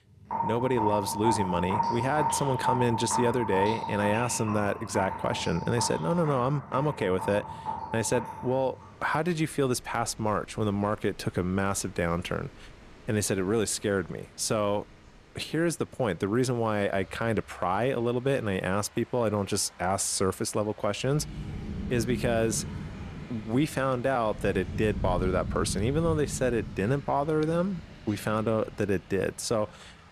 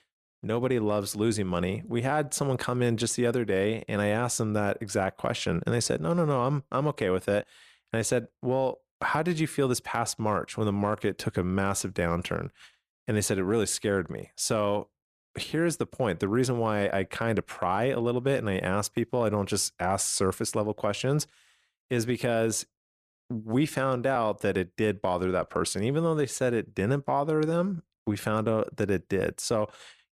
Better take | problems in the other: second | rain or running water; loud; throughout; 6 dB below the speech

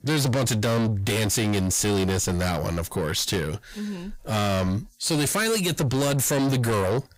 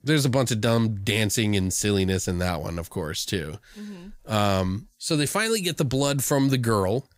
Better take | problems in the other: second | distortion; heavy; 6 dB below the speech

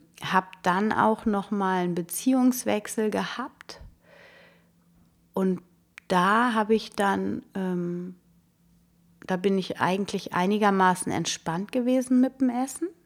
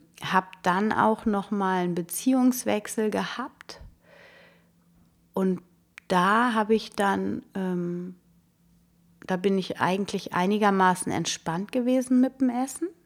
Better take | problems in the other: neither | none

